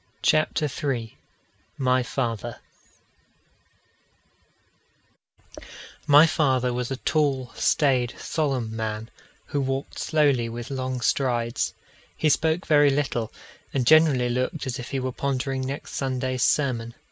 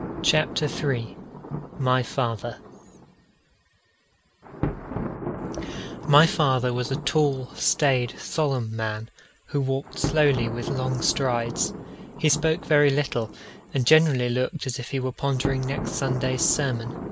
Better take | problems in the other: first | background sound (Thunder); 9 dB below the speech

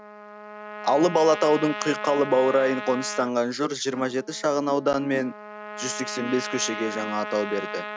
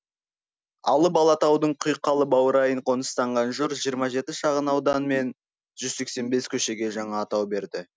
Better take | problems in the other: second | background sound (Trumpet); 11 dB below the speech

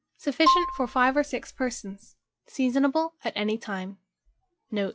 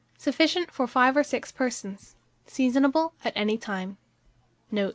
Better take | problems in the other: second | noise reduction (classical method log-MMSE)

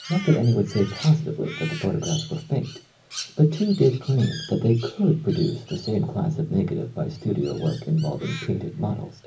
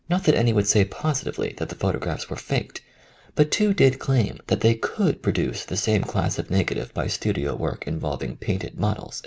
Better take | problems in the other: second | background sound (Crow); 17 dB below the speech // room echo; dies away in 0.4 s

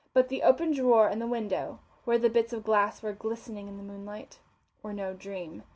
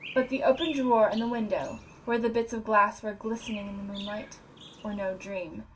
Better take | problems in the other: first | background sound (Chirp, tweet); 18 dB below the speech // room echo; dies away in 0.2 s

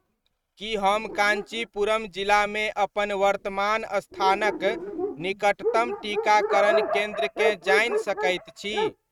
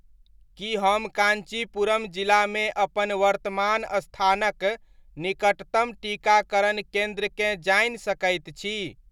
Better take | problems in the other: second | noise reduction (neural mask model RNNoise)

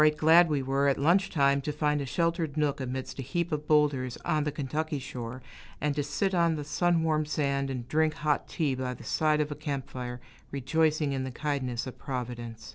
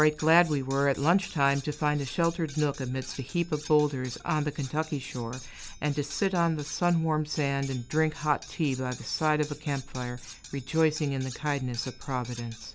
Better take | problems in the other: first | background sound (Cutlery, silverware); 18 dB below the speech

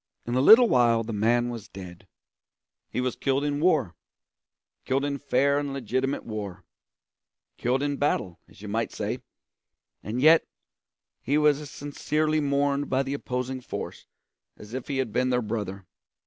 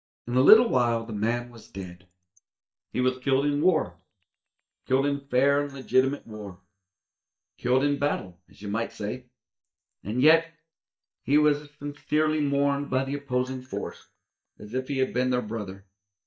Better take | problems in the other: first | noise reduction (neural mask model DeepFilterNet 3)

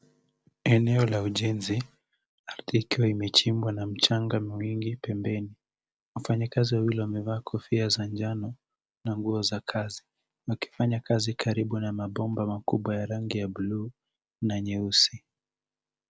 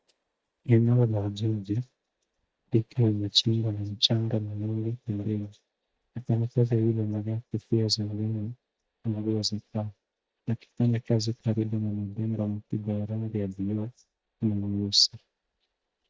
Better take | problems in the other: first | noise reduction (neural mask model DeepFilterNet 3)

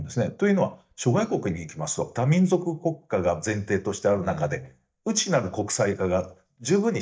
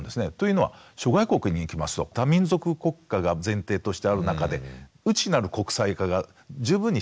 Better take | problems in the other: second | noise reduction (neural mask model DeepFilterNet 3)

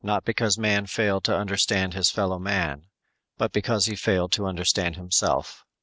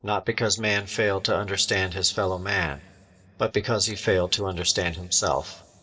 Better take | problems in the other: first | room echo; dies away in 1.7 s

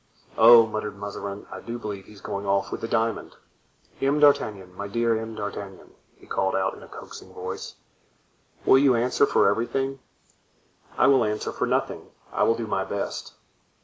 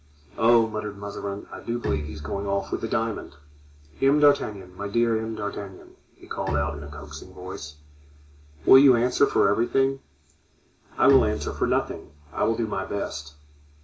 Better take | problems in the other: first | background sound (Bowed string instrument); 13 dB below the speech // room echo; dies away in 0.2 s

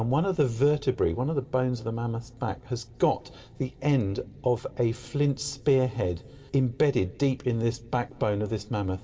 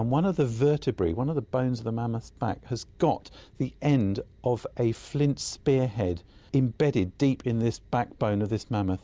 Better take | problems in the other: second | room echo; dies away in 1.7 s

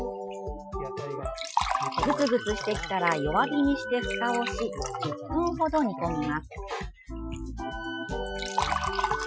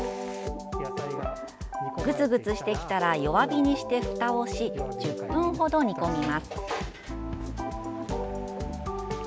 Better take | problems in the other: second | noise reduction (classical method Wiener filter)

